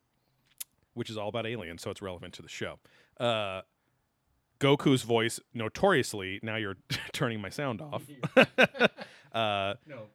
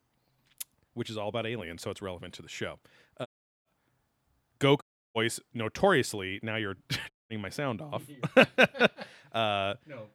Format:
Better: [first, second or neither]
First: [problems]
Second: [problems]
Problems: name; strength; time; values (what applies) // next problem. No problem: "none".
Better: first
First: none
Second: audio cutting out; at 3.5 s, at 5 s and at 7 s